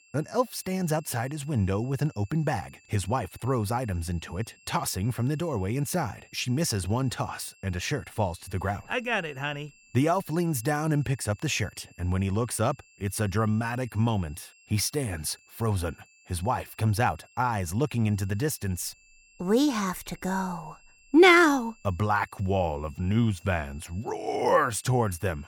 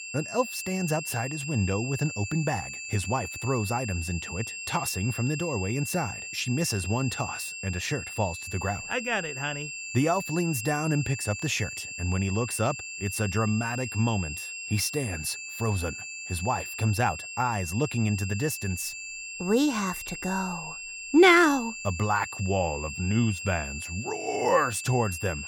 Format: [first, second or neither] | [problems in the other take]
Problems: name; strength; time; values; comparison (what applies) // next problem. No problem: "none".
first | high-pitched whine; loud; throughout; 2.5 kHz, 7 dB below the speech; faint in the first